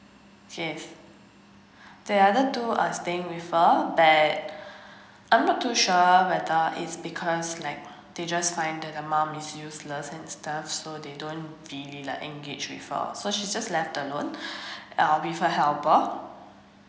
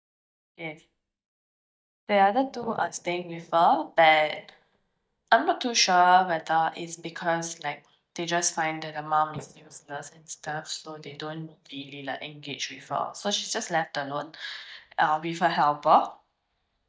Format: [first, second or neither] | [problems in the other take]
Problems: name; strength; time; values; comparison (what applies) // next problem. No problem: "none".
first | noise reduction (neural mask model DeepFilterNet 3)